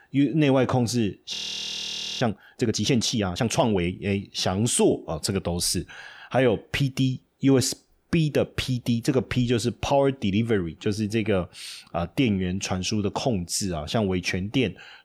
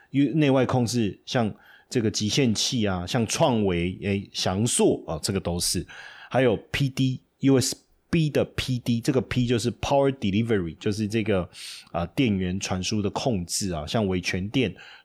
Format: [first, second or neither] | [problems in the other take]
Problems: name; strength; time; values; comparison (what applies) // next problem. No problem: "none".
second | audio freezing; at 1.5 s for 1 s